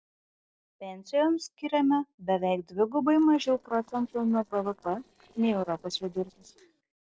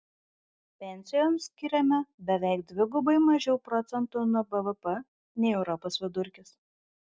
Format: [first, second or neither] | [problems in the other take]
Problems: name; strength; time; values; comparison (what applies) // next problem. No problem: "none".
second | noise reduction (neural separator model SepFormer DNS4)